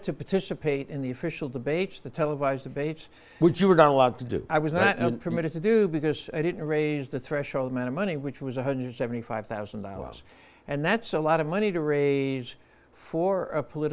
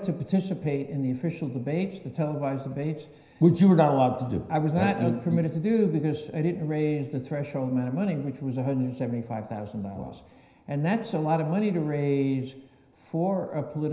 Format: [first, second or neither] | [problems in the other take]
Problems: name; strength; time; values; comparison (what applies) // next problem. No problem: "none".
first | room echo; dies away in 0.9 s